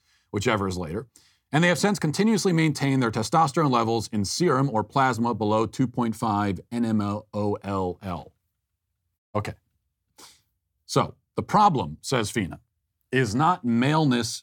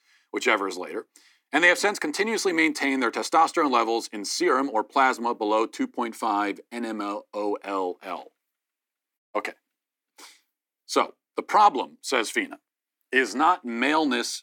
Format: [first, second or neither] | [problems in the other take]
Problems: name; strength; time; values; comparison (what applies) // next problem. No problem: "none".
first | thin; somewhat; fading below 300 Hz